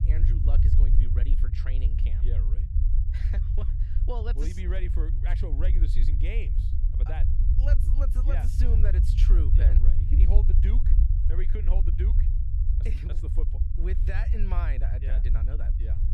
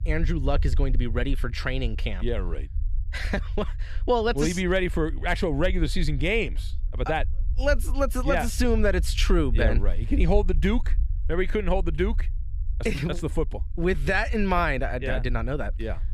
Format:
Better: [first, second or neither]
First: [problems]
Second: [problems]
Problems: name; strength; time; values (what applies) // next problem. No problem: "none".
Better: second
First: low rumble; loud; throughout; 2 dB below the speech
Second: low rumble; faint; throughout; 25 dB below the speech